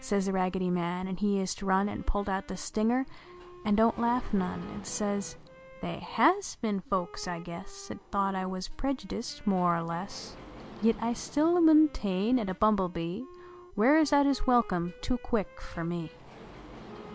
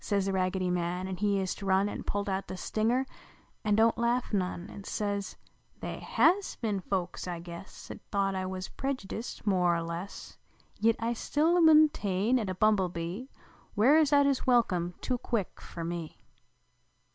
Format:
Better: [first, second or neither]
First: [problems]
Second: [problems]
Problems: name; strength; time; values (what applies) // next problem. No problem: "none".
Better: second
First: background sound (Wind instrument, woodwind instrument + Sliding door); 20 dB below the speech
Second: none